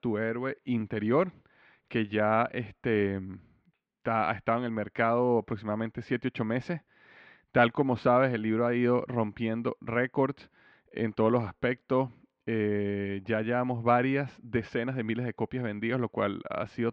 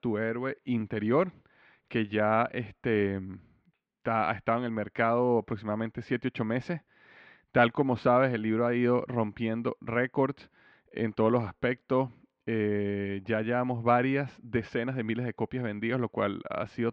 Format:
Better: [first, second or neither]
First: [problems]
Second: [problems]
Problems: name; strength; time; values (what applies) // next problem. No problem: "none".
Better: neither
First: muffled; slightly; fading above 2.5 kHz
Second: muffled; slightly; fading above 2.5 kHz